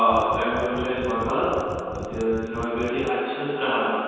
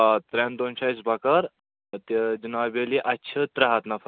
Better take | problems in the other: second | background sound (Mechanisms); 13 dB below the speech // room echo; dies away in 2.1 s

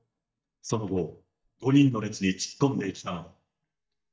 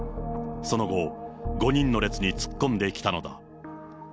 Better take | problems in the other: second | noise reduction (neural mask model DeepFilterNet 3)

